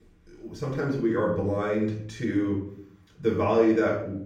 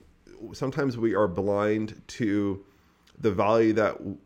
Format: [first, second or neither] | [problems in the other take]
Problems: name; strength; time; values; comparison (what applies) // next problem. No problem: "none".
second | off-mic speech; far // room echo; noticeable; dies away in 0.6 s